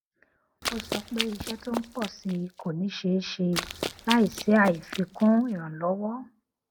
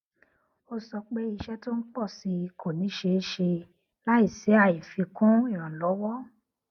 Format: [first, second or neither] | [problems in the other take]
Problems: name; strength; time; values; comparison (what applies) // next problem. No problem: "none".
second | background sound (Run); 9 dB below the speech